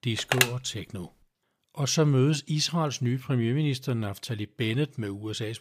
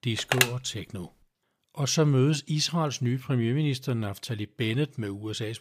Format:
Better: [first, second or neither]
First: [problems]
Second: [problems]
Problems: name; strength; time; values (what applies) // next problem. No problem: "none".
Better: neither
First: phone ringing; loud; at 0.5 s; peak 3 dB above the speech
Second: phone ringing; loud; at 0.5 s; peak 3 dB above the speech